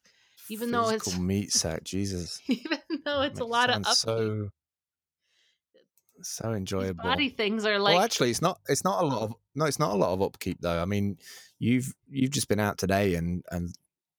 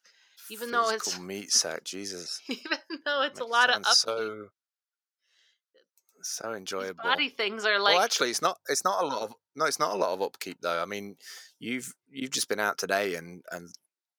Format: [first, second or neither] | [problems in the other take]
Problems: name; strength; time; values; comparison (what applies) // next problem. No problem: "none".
first | thin; somewhat; fading below 400 Hz